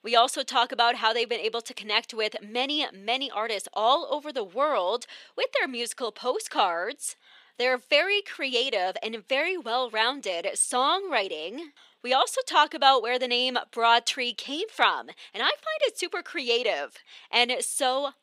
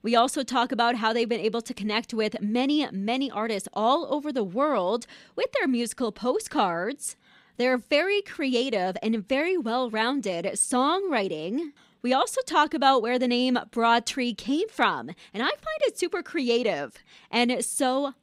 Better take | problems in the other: second | thin; somewhat; fading below 550 Hz

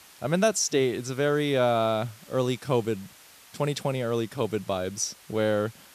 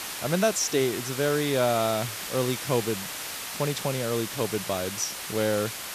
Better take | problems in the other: first | hiss; loud; throughout; 6 dB below the speech; faint in the first

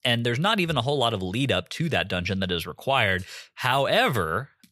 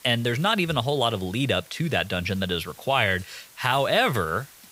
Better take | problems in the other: first | hiss; faint; throughout; 25 dB below the speech

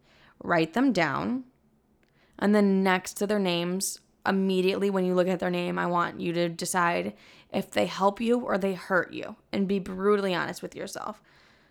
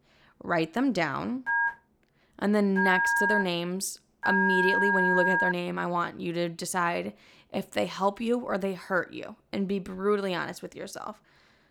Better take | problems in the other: first | phone ringing; loud; from 1.5 to 5.5 s; peak 6 dB above the speech

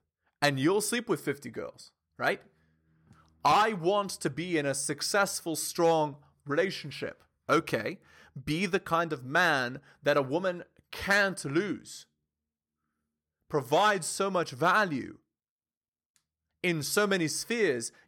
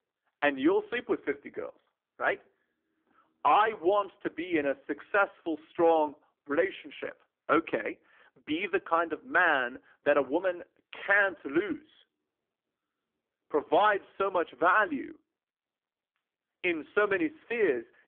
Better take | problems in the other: first | phone-call audio; poor line; nothing above 3.5 kHz

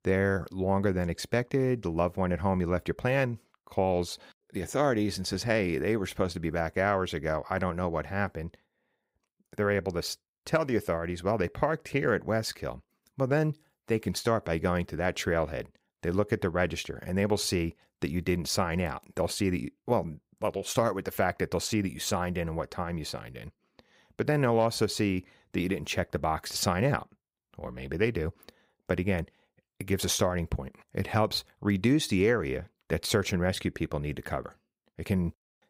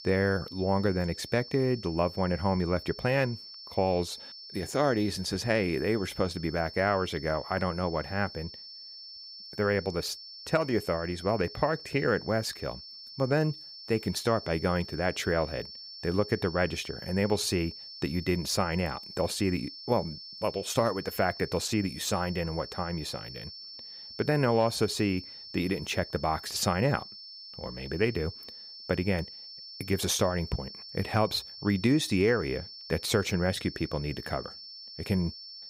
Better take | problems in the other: first | high-pitched whine; noticeable; throughout; 5.5 kHz, 15 dB below the speech

